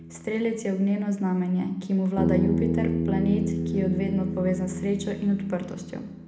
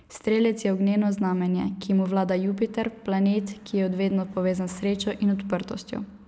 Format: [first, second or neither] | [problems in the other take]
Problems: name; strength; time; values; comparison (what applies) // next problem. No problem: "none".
second | background sound (Bass guitar); 3 dB below the speech // room echo; dies away in 0.8 s